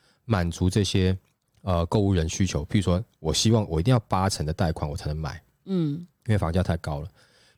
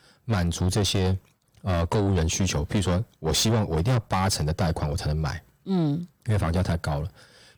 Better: first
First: none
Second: distortion; heavy; 6 dB below the speech

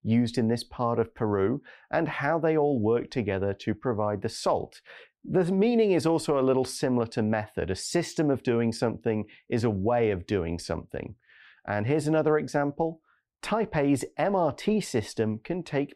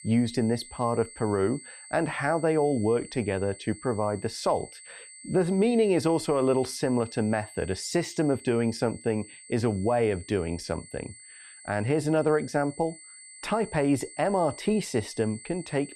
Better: first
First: none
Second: high-pitched whine; noticeable; throughout; 8 kHz, 15 dB below the speech

